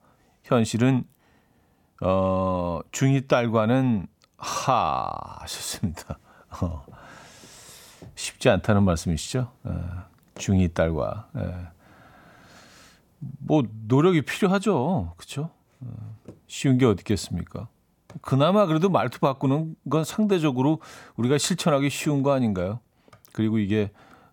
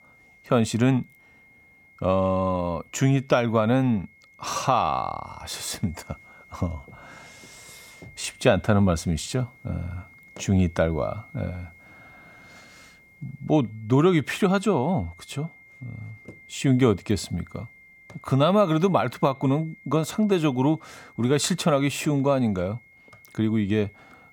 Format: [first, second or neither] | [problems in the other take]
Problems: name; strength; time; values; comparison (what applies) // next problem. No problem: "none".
first | high-pitched whine; faint; throughout; 2 kHz, 25 dB below the speech